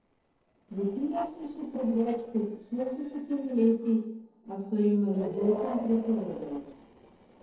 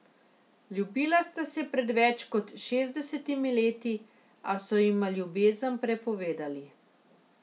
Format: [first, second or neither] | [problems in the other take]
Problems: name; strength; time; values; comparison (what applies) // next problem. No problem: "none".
second | noise reduction (neural separator model SepFormer DNS4)